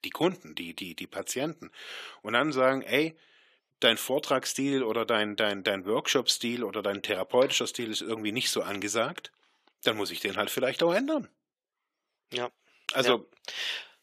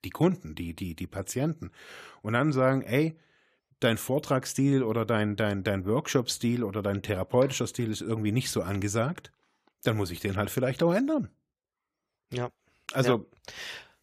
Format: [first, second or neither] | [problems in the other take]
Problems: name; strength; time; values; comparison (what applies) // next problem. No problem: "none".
second | thin; somewhat; fading below 350 Hz